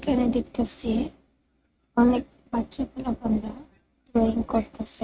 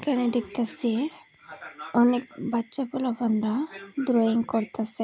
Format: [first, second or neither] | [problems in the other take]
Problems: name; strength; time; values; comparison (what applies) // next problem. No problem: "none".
second | noise reduction (neural mask model RNNoise)